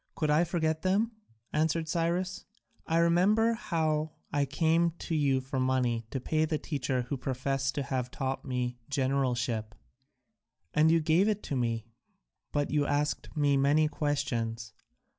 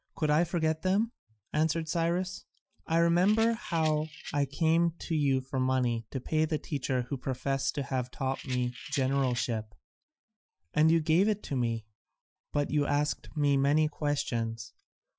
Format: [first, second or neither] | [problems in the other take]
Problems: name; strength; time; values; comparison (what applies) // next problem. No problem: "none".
first | noise reduction (classical method Wiener filter)